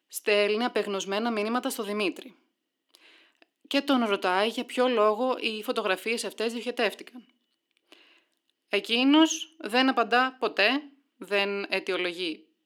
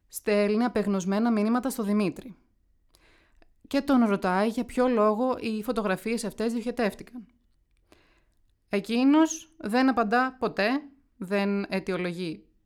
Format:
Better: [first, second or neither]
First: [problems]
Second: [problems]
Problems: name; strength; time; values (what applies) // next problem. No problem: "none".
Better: second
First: thin; very slightly; fading below 300 Hz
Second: none